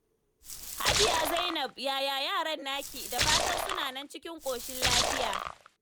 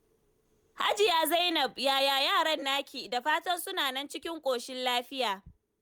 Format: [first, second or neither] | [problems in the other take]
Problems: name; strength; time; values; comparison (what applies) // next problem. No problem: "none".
second | background sound (Splash, splatter); 2 dB above the speech